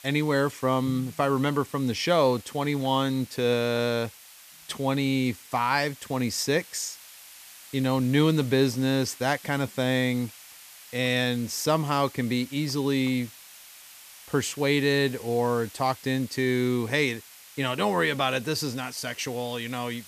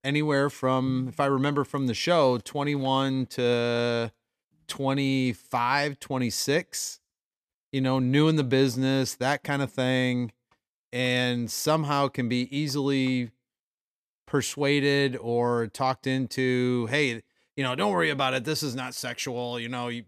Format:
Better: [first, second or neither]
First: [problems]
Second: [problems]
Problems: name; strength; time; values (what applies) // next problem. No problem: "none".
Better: second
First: hiss; noticeable; throughout; 20 dB below the speech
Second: none